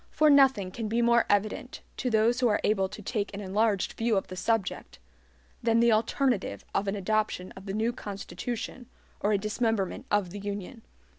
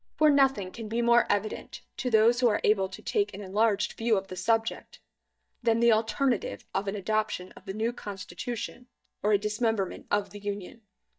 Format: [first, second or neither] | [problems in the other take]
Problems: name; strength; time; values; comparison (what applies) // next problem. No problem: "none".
first | noise reduction (neural mask model DeepFilterNet 3)